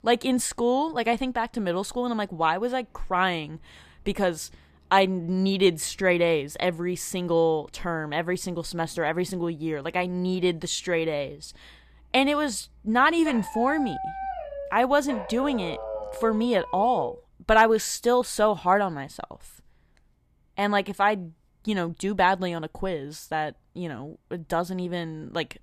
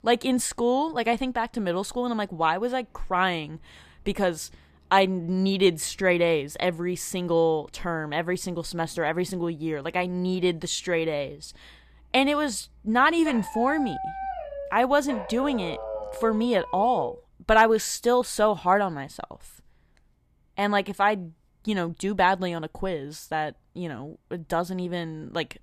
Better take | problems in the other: neither | dog barking; noticeable; from 13 to 17 s; peak 7 dB below the speech; the same in both

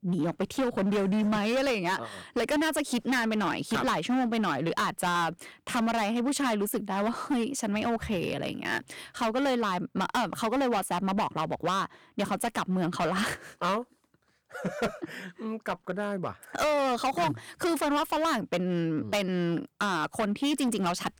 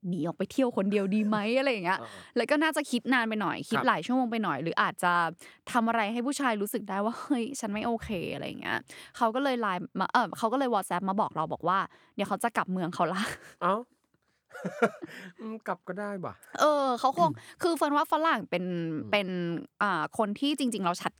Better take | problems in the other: second | distortion; heavy; 16% of the sound clipped

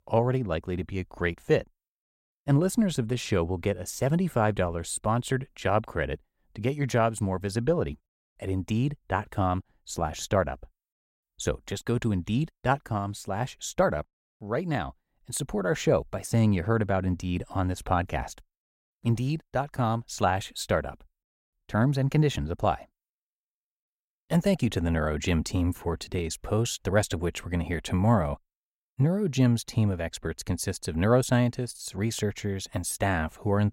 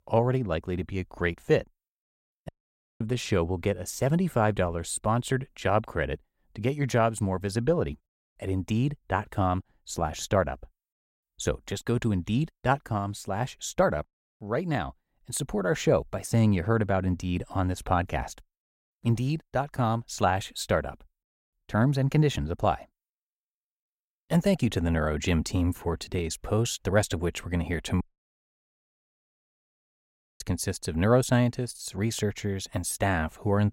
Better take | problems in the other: first | audio cutting out; at 2.5 s for 0.5 s and at 28 s for 2.5 s

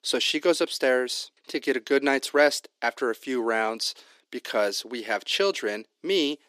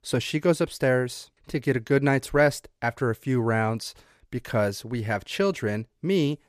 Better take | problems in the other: second | thin; somewhat; fading below 300 Hz

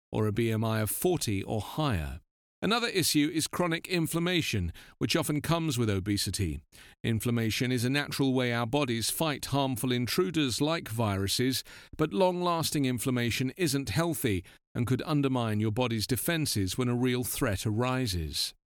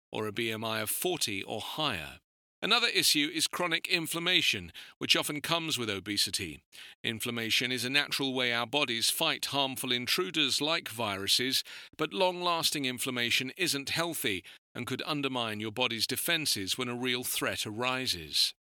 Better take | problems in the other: first | thin; somewhat; fading below 1 kHz

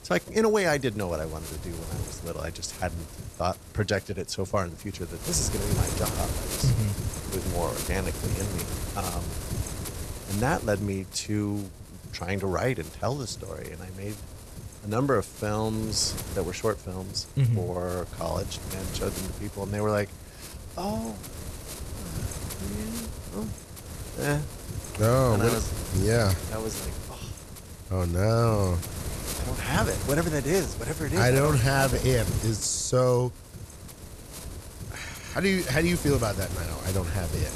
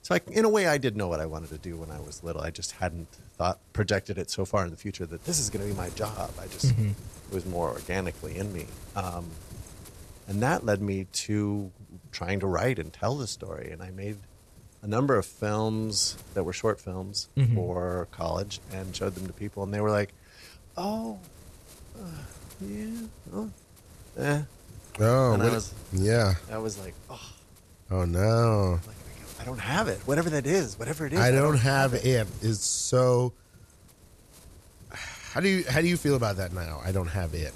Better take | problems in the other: second | wind noise on the microphone; heavy; 10 dB below the speech; occasional gusts in the second

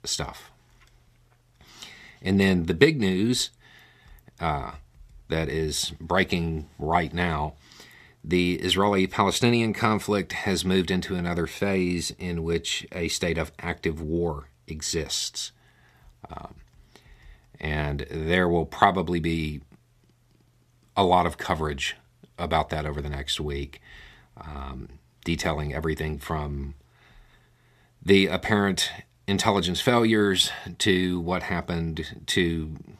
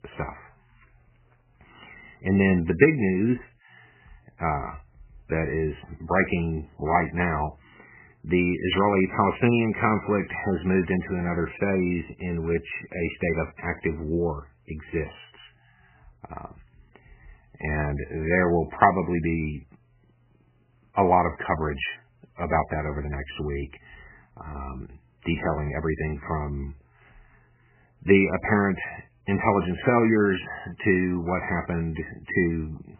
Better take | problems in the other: first | garbled, watery; badly; nothing above 3 kHz

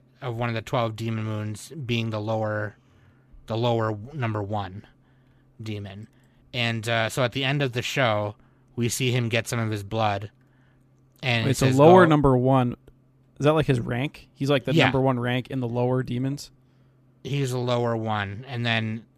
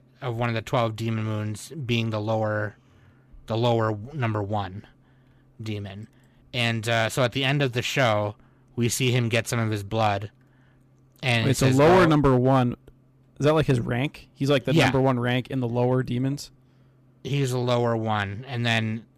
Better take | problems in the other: first | distortion; slight; 1.4% of the sound clipped

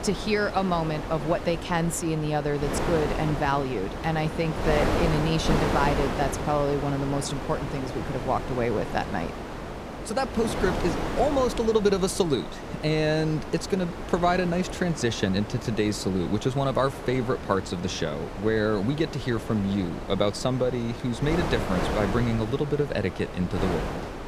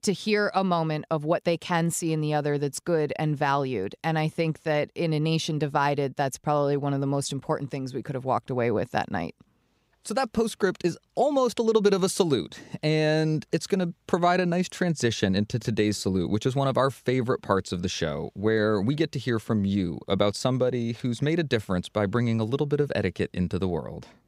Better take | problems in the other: second | wind noise on the microphone; heavy; 5 dB below the speech

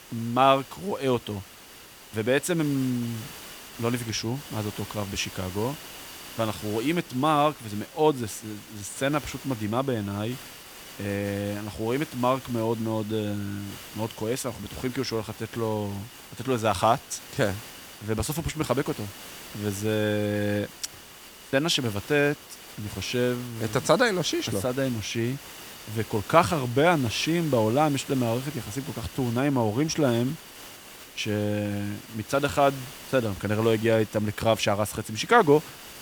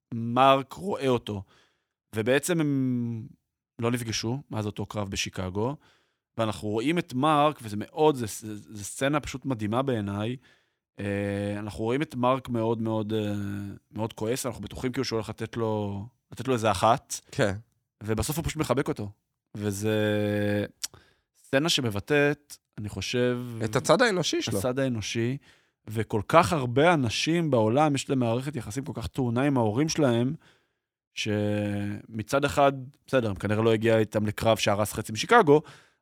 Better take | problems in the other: second | hiss; noticeable; throughout; 15 dB below the speech

